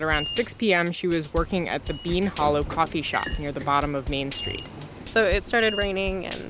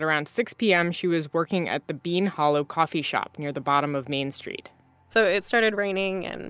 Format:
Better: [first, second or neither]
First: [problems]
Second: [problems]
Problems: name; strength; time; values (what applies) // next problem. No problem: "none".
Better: second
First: background sound (Sliding door / Train + Drum / Drum kit); 9 dB below the speech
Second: none